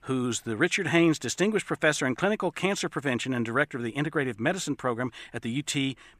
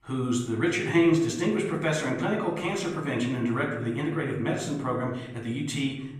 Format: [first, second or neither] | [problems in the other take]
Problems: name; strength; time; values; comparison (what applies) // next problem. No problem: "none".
first | off-mic speech; far // room echo; noticeable; dies away in 1.3 s